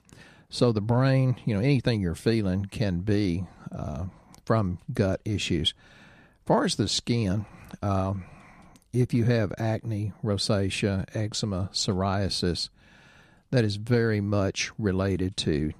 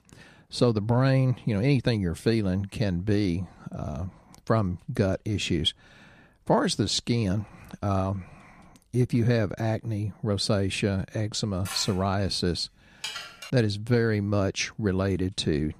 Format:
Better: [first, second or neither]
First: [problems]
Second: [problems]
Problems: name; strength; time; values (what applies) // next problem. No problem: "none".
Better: first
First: none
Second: clattering dishes; noticeable; from 12 to 14 s; peak 8 dB below the speech